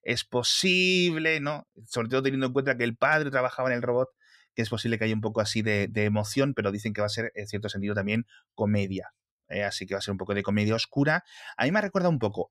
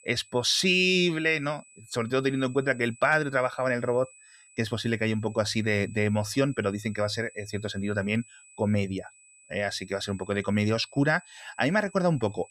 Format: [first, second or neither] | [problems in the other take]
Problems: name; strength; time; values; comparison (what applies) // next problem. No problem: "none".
first | high-pitched whine; faint; throughout; 8 kHz, 25 dB below the speech